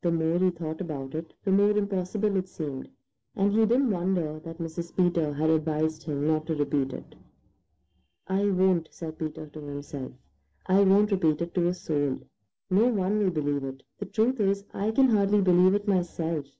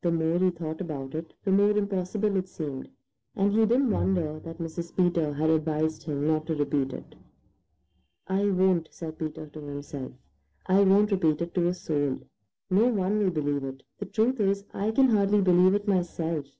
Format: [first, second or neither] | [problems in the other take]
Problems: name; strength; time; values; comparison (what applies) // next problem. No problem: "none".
first | background sound (Bowed string instrument); 14 dB below the speech